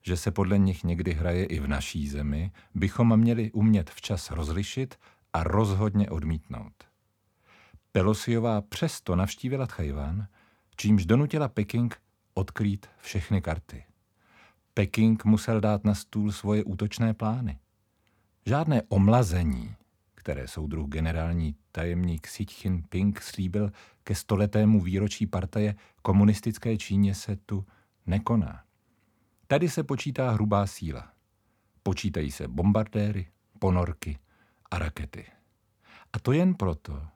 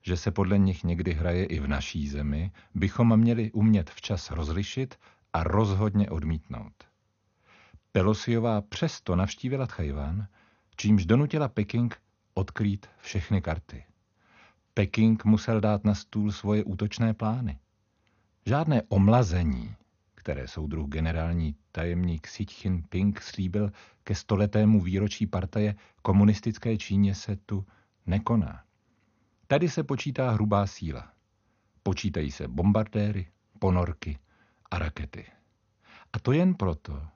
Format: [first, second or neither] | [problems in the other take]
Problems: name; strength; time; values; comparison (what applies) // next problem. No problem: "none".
first | garbled, watery; slightly; nothing above 6.5 kHz